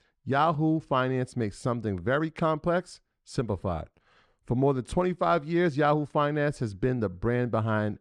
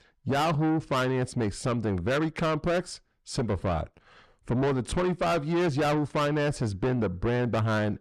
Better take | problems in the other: first | distortion; heavy; 6 dB below the speech

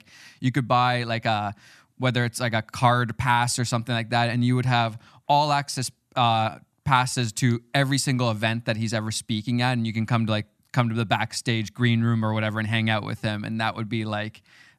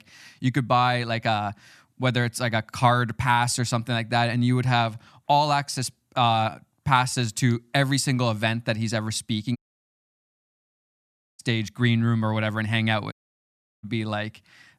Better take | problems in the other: first | audio cutting out; at 9.5 s for 2 s and at 13 s for 0.5 s

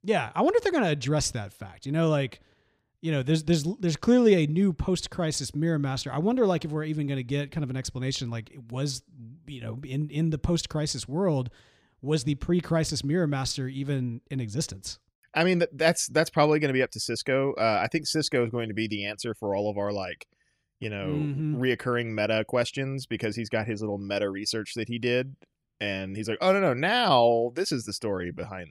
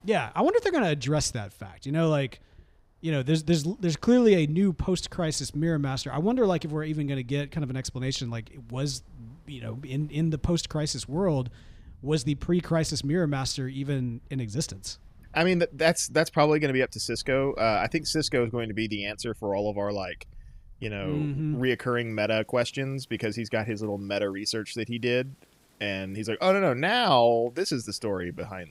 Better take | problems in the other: first | rain or running water; faint; throughout; 30 dB below the speech

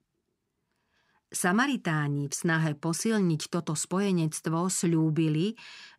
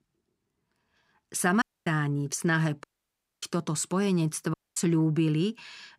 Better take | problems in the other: first | audio cutting out; at 1.5 s, at 3 s for 0.5 s and at 4.5 s

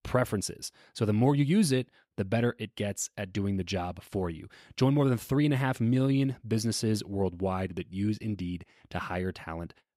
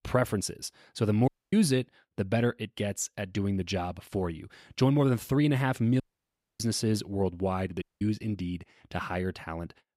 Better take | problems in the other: first | audio cutting out; at 1.5 s, at 6 s for 0.5 s and at 8 s

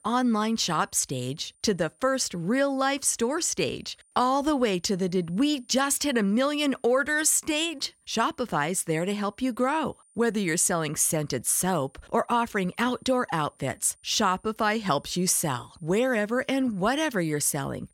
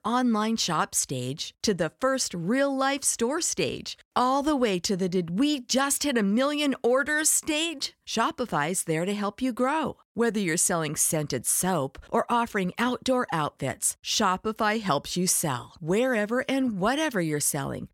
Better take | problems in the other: second | high-pitched whine; faint; throughout; 9 kHz, 35 dB below the speech

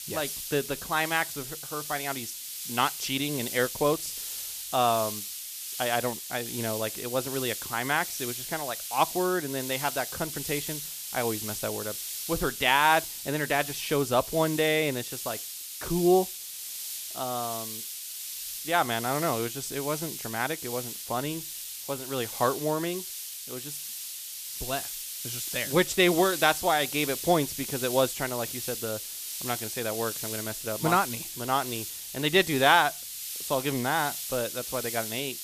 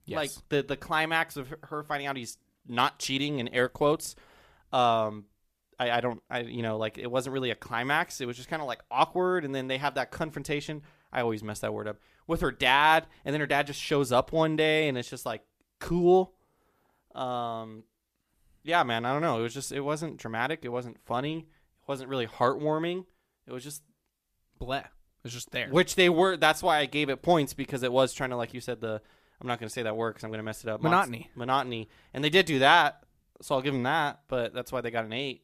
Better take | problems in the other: second | hiss; loud; throughout; 6 dB below the speech

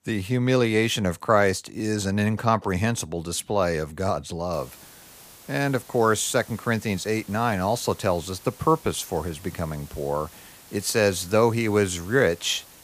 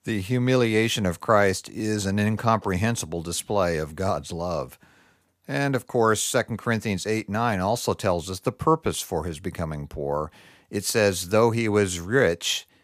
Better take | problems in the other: second | hiss; faint; from 4.5 s on; 20 dB below the speech

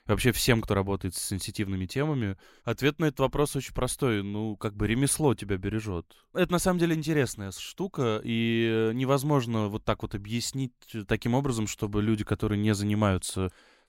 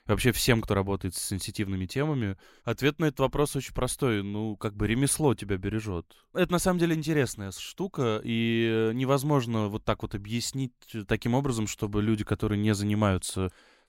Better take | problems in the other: neither | none

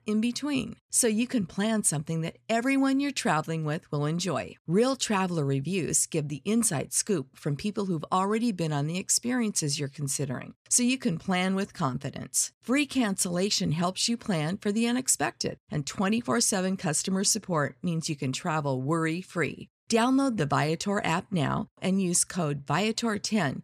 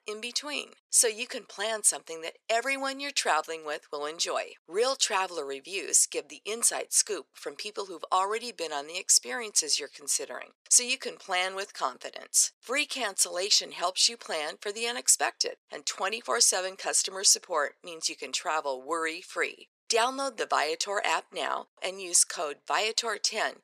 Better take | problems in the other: first | thin; very; fading below 450 Hz

